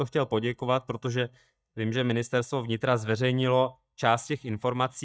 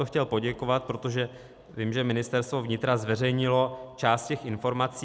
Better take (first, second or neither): second